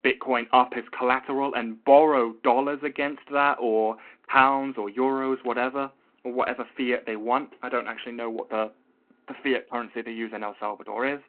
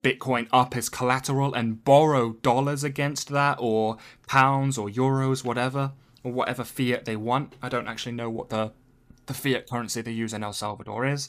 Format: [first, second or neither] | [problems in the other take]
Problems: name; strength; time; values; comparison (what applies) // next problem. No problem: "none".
second | phone-call audio